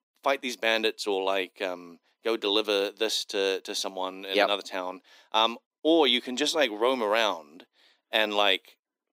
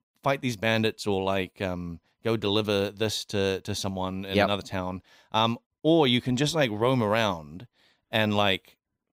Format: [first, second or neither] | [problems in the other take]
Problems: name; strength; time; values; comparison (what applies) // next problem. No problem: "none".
second | thin; somewhat; fading below 300 Hz